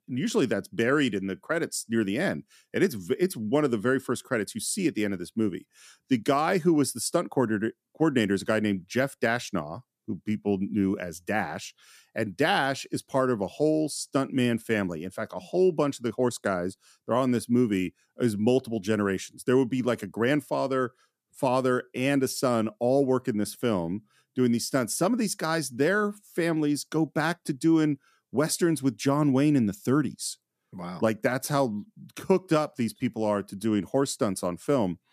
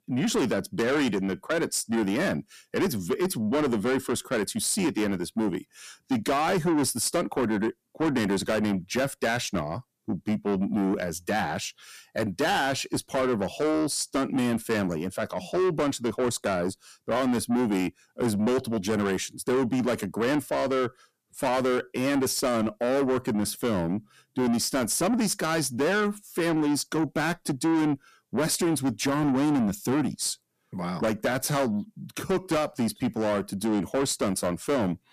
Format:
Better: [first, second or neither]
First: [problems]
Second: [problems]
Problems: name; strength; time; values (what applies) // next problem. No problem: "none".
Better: first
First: none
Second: distortion; heavy; 7 dB below the speech